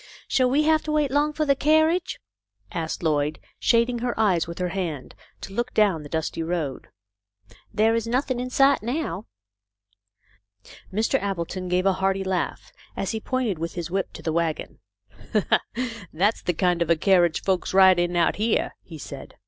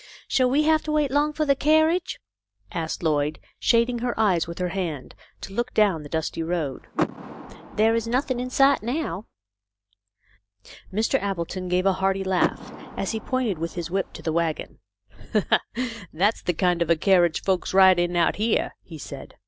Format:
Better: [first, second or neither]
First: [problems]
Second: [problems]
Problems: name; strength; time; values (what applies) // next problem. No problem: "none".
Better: first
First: none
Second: background sound (Door / Car); 10 dB below the speech